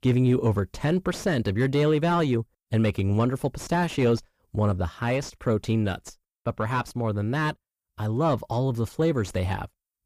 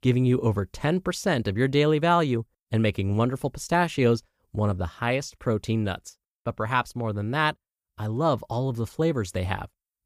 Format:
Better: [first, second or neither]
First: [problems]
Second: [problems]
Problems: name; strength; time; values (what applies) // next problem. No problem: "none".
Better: second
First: distortion; slight; 10 dB below the speech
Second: none